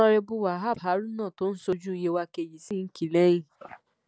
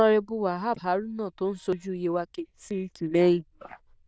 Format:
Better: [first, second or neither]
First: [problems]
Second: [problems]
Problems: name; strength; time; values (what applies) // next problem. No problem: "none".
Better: first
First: none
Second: noise reduction (neural diffusion model UNIVERSE++)